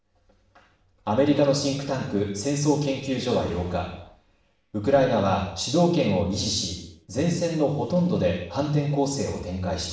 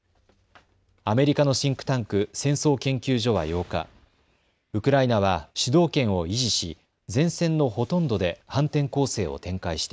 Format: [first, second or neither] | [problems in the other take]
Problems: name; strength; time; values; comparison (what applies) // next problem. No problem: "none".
second | room echo; dies away in 0.6 s